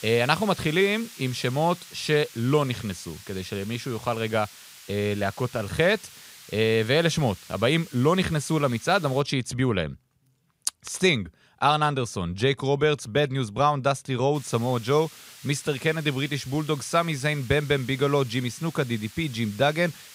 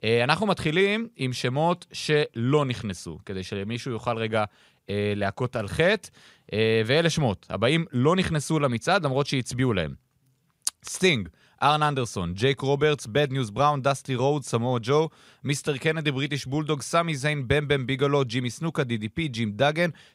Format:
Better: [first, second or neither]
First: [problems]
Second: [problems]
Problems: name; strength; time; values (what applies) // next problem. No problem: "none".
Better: second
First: hiss; noticeable; until 9 s and from 14 s on; 20 dB below the speech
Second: none